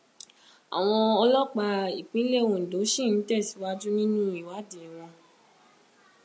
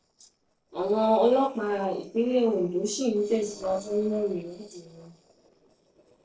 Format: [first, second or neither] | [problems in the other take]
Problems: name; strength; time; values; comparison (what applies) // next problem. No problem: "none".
first | noise reduction (neural separator model SepFormer DNS4)